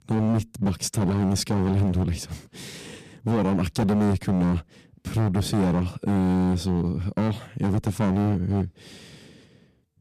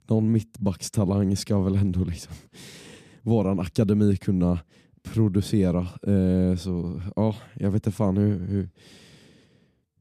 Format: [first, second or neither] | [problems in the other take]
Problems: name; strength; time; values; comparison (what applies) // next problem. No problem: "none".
second | distortion; heavy; 16% of the sound clipped